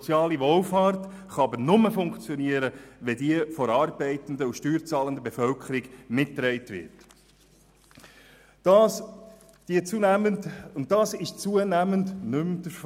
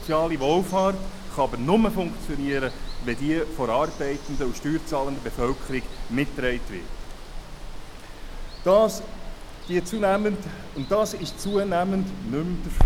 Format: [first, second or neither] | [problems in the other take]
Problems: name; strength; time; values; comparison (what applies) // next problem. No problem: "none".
first | background sound (Water); 4 dB below the speech